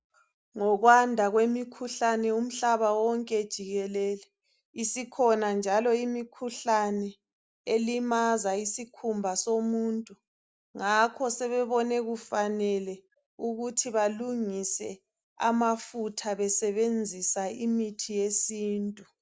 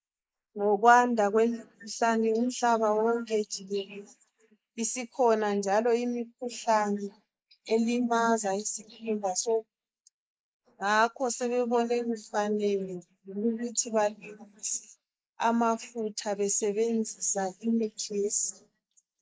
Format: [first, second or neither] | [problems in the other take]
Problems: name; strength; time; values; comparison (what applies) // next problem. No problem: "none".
first | noise reduction (neural mask model Resemble Enhance denoiser)